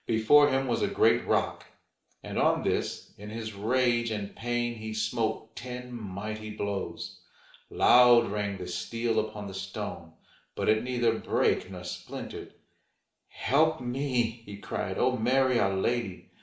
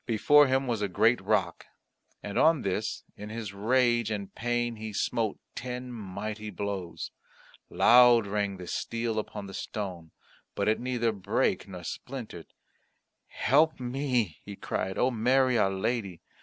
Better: second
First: room echo; dies away in 0.5 s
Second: none

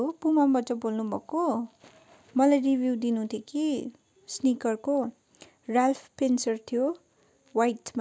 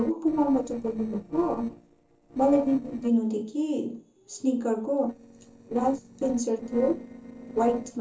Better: first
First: none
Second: noise reduction (neural separator model SepFormer DNS4)

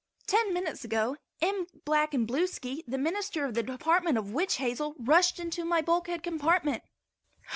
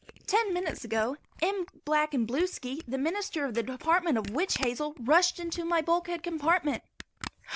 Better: first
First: none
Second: background sound (Camera); 18 dB below the speech

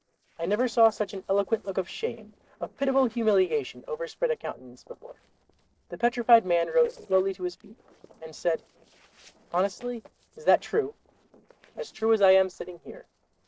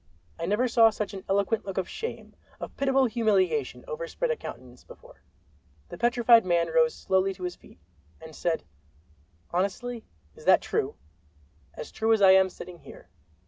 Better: second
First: noise reduction (neural separator model SepFormer DNS4)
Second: none

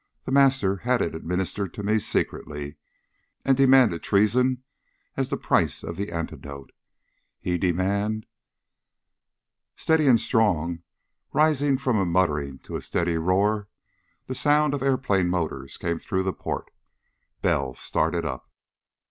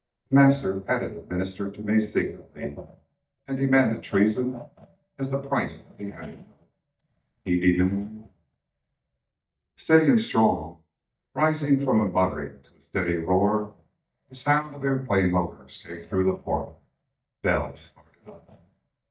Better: first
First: none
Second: noise reduction (neural mask model DeepFilterNet 3)

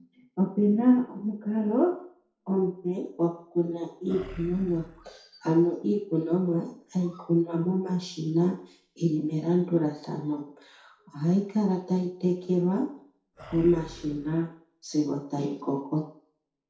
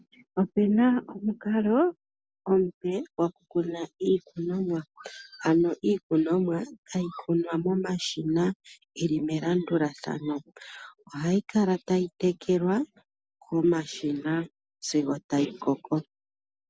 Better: second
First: noise reduction (neural separator model SepFormer DNS4)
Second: none

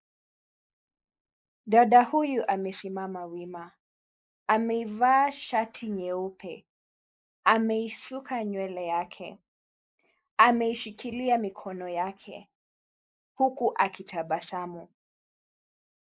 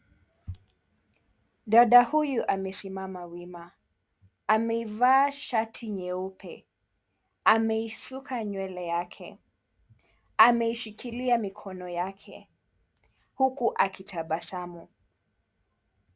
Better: second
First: noise reduction (neural mask model Resemble Enhance denoiser)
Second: none

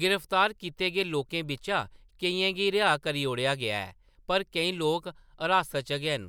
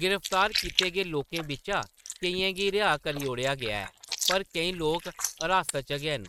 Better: first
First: none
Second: noise reduction (neural mask model RNNoise)

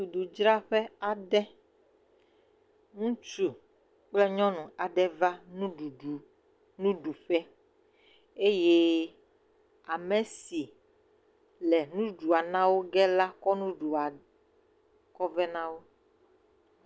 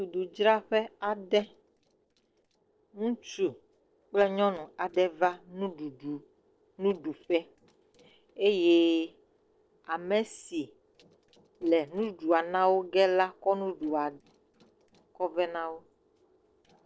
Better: first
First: none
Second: noise reduction (neural separator model SepFormer DNS4)

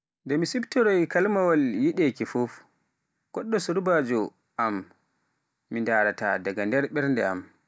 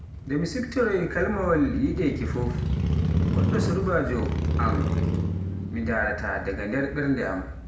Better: first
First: none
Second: background sound (Motorcycle); as loud as the speech // room echo; dies away in 0.7 s

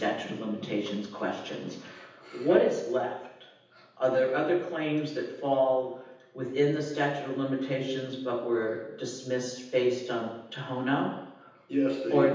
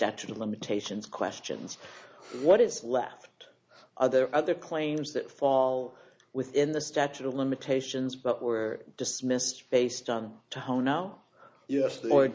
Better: second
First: room echo; dies away in 0.9 s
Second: none

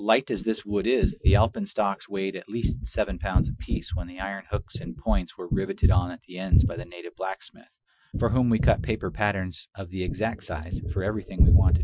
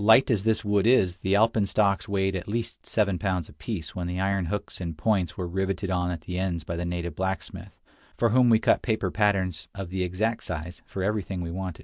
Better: second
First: noise reduction (classical method Wiener filter)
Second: none

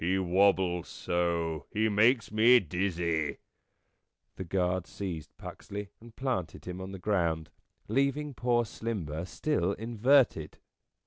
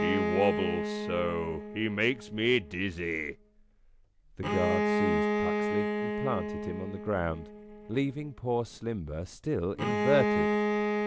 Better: first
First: none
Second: background sound (Bowed string instrument); as loud as the speech

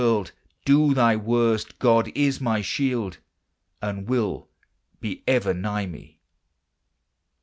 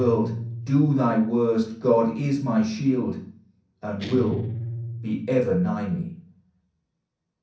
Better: first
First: none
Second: background sound (Guitar); 12 dB below the speech // room echo; dies away in 0.6 s

